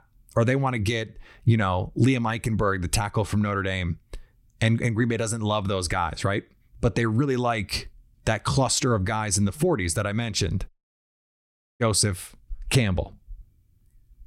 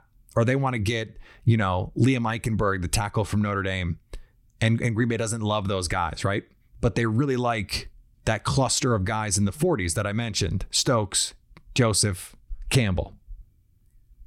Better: second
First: audio cutting out; at 11 s for 1 s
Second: none

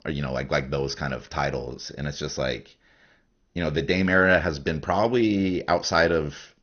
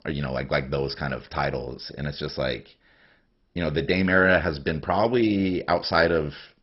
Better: first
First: garbled, watery; slightly; nothing above 6.5 kHz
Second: garbled, watery; badly; nothing above 5.5 kHz

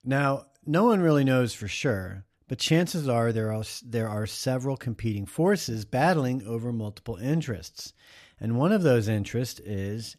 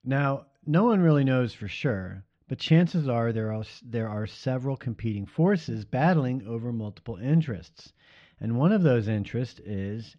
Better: first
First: none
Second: muffled; slightly; fading above 4 kHz

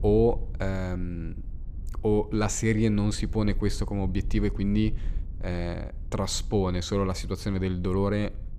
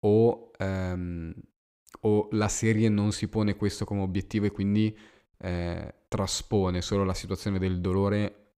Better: second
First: low rumble; faint; throughout; 25 dB below the speech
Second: none

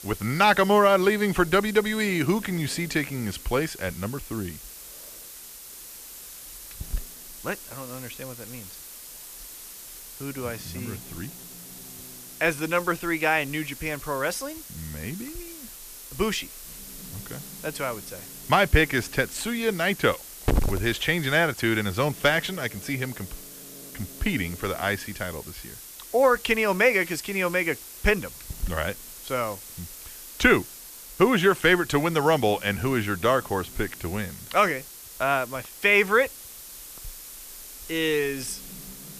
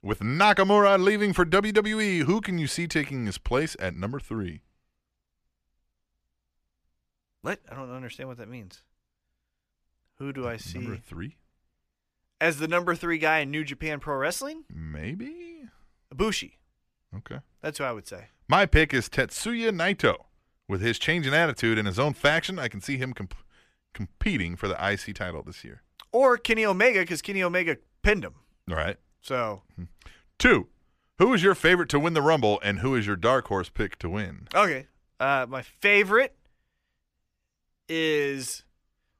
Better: second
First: hiss; noticeable; throughout; 15 dB below the speech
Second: none

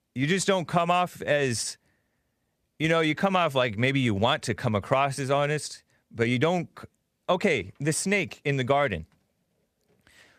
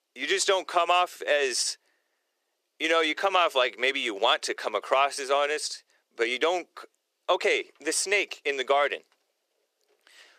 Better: first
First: none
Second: thin; very; fading below 350 Hz

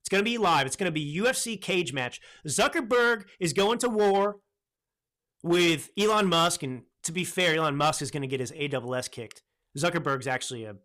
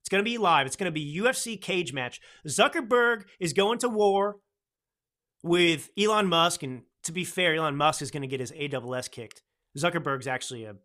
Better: second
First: distortion; slight; 5% of the sound clipped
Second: none

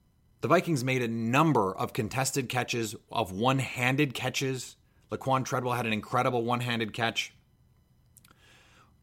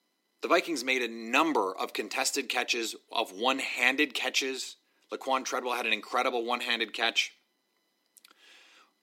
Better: first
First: none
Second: thin; somewhat; fading below 250 Hz

